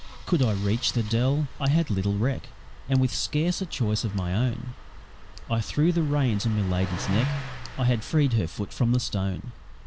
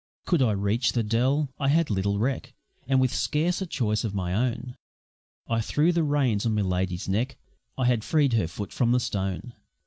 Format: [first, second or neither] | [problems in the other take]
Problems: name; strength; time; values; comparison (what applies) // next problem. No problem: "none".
second | background sound (Tick + Engine starting); 11 dB below the speech